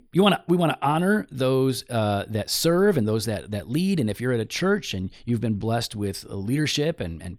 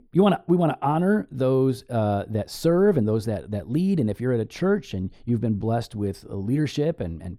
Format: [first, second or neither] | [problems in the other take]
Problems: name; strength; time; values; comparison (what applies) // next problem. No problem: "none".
first | muffled; slightly; fading above 1.5 kHz